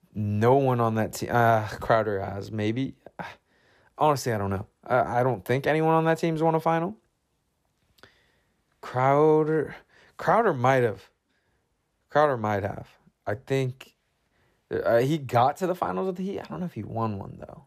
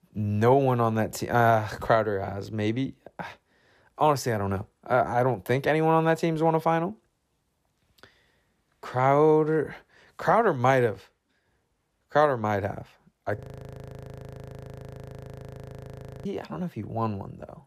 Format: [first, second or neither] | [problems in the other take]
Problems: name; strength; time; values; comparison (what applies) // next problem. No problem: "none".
first | audio freezing; at 13 s for 3 s